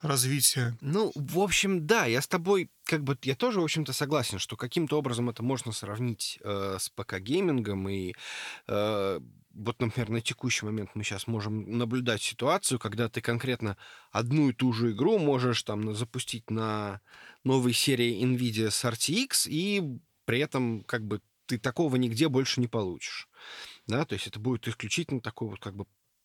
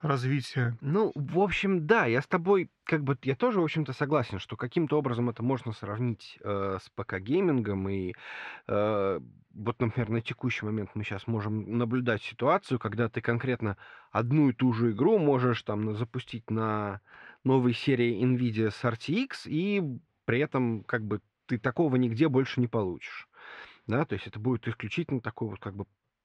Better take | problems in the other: first | muffled; very; fading above 2 kHz

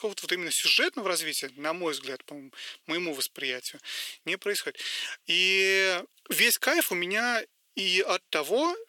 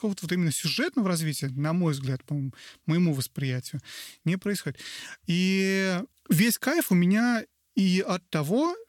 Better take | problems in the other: second | thin; very; fading below 400 Hz

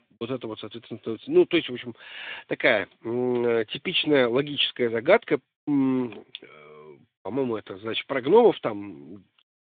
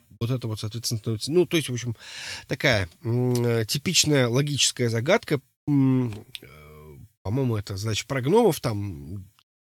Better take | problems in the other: second | phone-call audio; nothing above 3.5 kHz

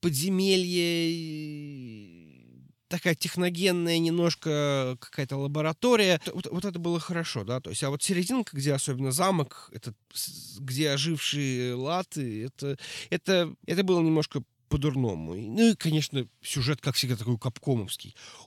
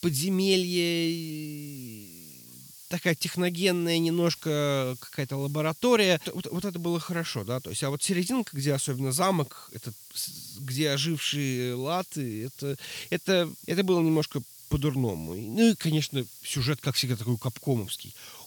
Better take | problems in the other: first | hiss; noticeable; throughout; 20 dB below the speech

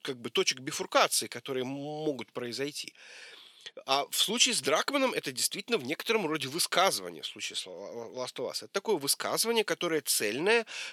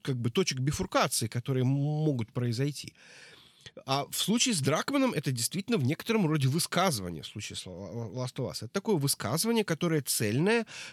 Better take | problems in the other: second | thin; somewhat; fading below 450 Hz

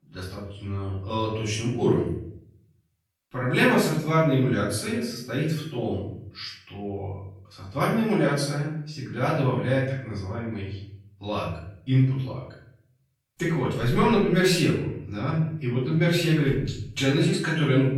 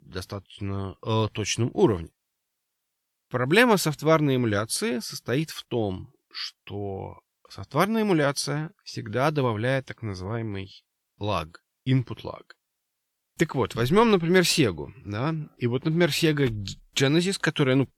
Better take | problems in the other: second | off-mic speech; far // room echo; noticeable; dies away in 0.7 s

